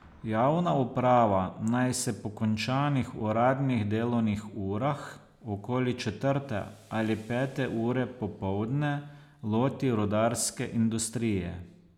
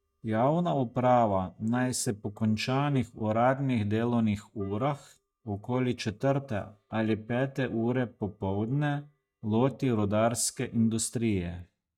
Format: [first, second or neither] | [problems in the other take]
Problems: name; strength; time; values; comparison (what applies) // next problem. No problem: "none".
first | noise reduction (neural mask model DeepFilterNet 3)